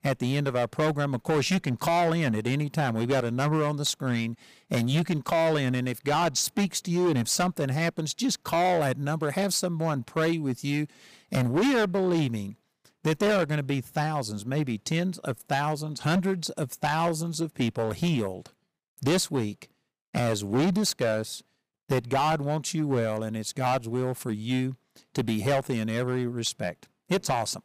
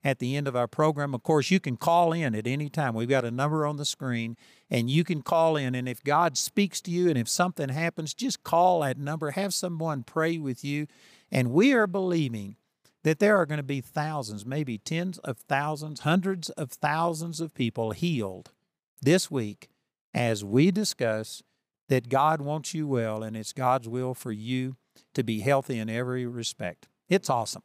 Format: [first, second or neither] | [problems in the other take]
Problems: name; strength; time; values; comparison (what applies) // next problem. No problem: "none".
second | distortion; heavy; 10% of the sound clipped